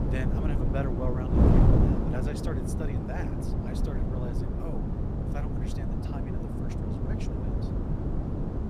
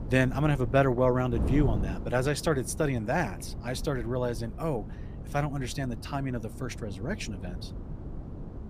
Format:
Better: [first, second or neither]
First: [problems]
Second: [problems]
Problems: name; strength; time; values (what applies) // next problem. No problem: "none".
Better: second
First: wind noise on the microphone; heavy; 5 dB above the speech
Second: wind noise on the microphone; occasional gusts; 15 dB below the speech